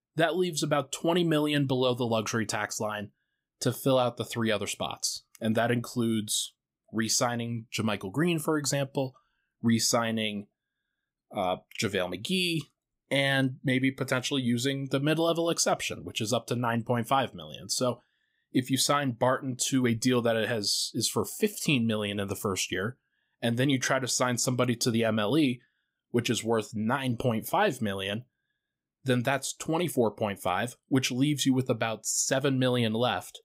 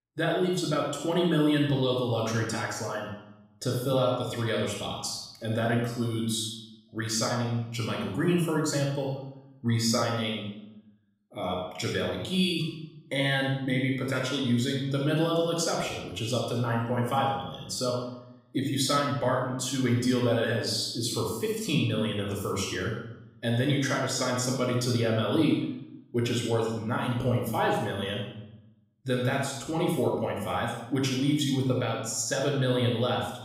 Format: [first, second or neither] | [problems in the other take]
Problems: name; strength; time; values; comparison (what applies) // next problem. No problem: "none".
first | room echo; noticeable; dies away in 0.7 s // off-mic speech; far